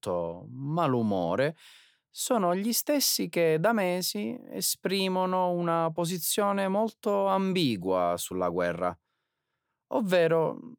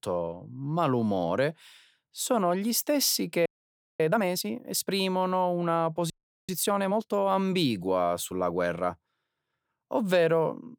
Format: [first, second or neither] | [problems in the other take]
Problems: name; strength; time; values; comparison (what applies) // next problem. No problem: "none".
first | audio freezing; at 3.5 s for 0.5 s and at 6 s